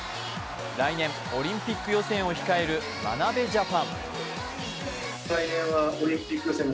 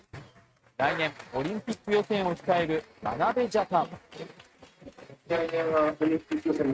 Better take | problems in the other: first | noise reduction (neural mask model RNNoise)

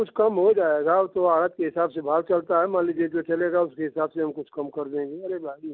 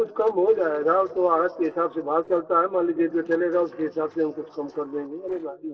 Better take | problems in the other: first | noise reduction (neural separator model SepFormer DNS4)

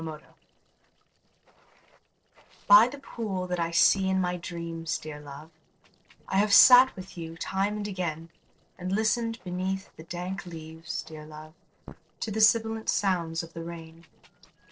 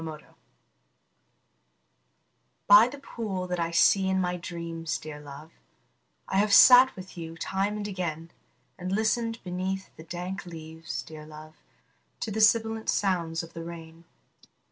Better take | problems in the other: second | noise reduction (neural separator model SepFormer DNS4)

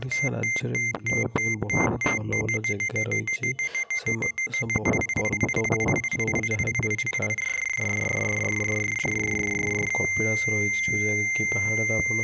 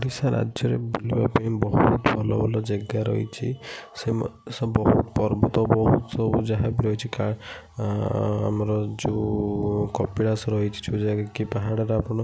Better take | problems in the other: second | background sound (Ringtone); 2 dB above the speech

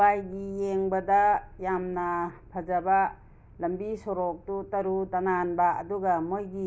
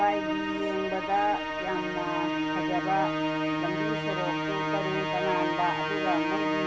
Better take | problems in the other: first | background sound (Musical instrument); 2 dB above the speech

